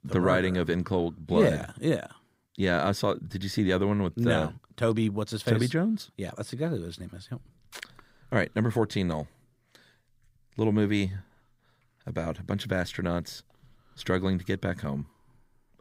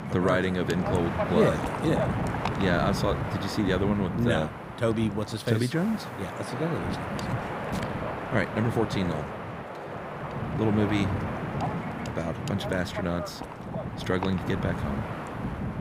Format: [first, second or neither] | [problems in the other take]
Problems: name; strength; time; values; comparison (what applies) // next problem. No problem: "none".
first | wind noise on the microphone; heavy; 3 dB below the speech